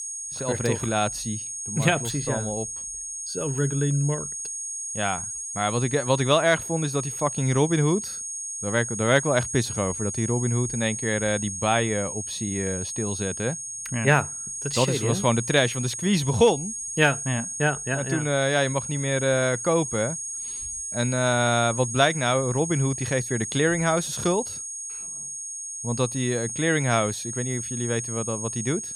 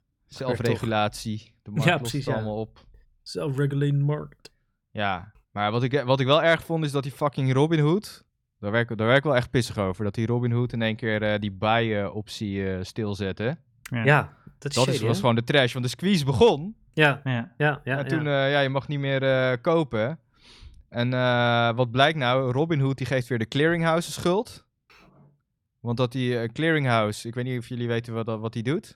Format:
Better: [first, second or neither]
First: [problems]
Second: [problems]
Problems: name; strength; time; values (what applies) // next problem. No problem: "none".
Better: second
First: high-pitched whine; loud; throughout; 6.5 kHz, 6 dB below the speech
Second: none